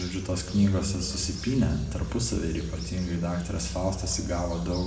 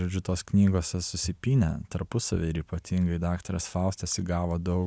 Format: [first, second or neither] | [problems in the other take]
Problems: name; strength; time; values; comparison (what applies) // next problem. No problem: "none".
second | background sound (Bird vocalization, bird call, bird song); 10 dB below the speech // room echo; dies away in 1.6 s